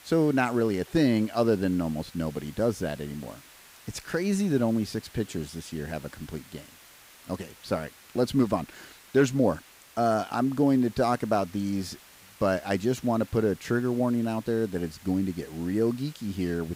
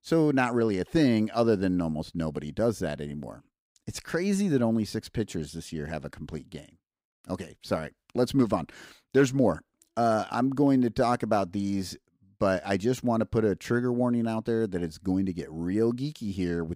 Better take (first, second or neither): second